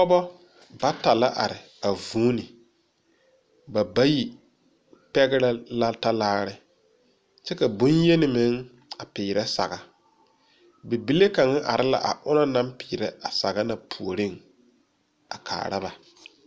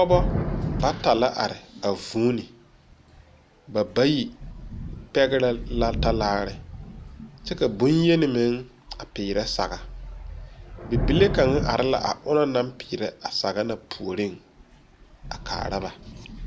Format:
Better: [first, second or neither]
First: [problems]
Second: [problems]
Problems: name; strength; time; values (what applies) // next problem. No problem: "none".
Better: first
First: none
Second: background sound (Thunder / Rain); 7 dB below the speech